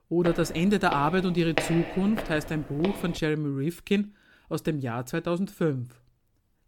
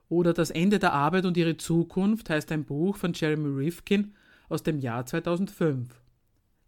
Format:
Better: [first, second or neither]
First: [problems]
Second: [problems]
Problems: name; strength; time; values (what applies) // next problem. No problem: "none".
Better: second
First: footsteps; noticeable; until 3 s; peak 2 dB below the speech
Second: none